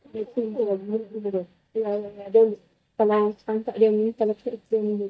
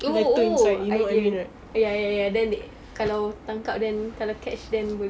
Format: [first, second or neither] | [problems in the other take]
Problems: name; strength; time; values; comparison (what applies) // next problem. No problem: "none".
second | noise reduction (neural mask model DeepFilterNet 3)